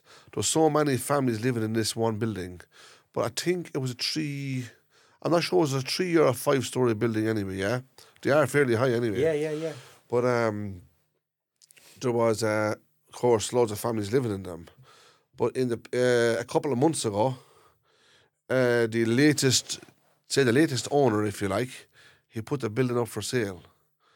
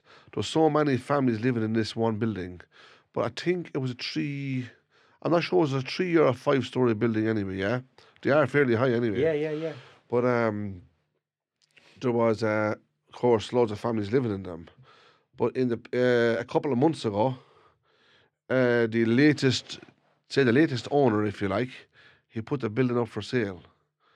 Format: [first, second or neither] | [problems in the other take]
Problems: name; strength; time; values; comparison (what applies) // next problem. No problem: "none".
first | muffled; very slightly; fading above 3 kHz